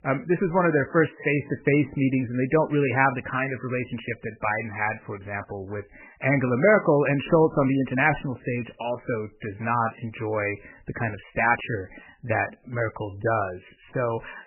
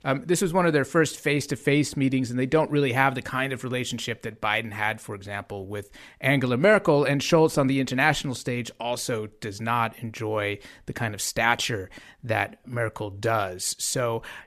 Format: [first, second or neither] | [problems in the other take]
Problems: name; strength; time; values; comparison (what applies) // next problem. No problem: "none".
second | garbled, watery; badly; nothing above 2.5 kHz